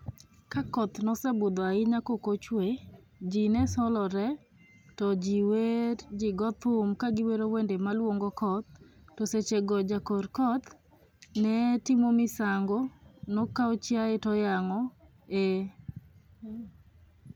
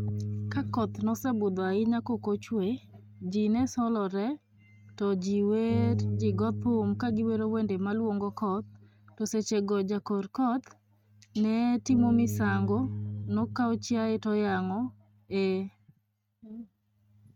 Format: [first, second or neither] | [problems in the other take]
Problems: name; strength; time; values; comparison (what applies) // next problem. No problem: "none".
first | noise reduction (neural mask model RNNoise)